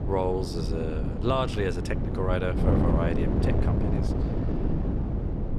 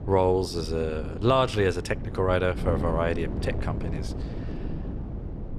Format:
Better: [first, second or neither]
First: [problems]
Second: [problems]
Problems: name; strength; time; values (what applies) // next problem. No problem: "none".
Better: second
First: wind noise on the microphone; heavy; 4 dB below the speech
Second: wind noise on the microphone; occasional gusts; 15 dB below the speech